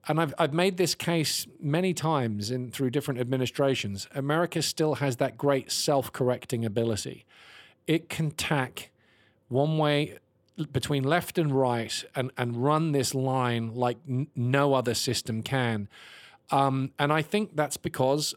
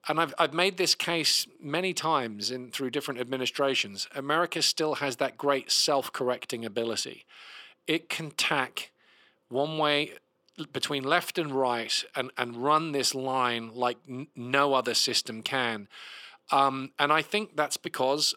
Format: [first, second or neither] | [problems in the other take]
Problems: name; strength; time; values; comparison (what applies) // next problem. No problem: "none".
first | thin; somewhat; fading below 250 Hz